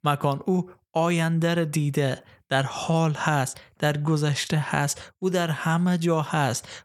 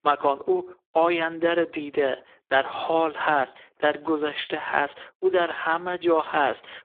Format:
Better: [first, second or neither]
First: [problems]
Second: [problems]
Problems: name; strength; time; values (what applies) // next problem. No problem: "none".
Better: first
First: none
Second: phone-call audio; poor line; nothing above 3.5 kHz